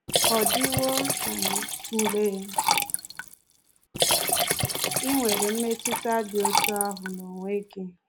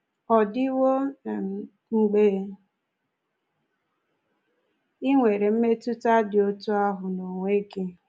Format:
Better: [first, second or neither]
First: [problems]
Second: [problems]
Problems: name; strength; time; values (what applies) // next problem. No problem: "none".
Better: second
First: background sound (Liquid); 3 dB above the speech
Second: none